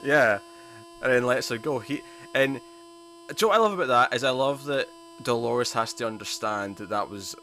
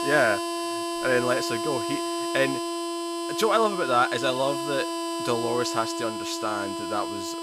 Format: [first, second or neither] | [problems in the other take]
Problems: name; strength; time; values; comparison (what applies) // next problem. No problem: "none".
first | background music; loud; throughout; 3 dB below the speech; faint in the first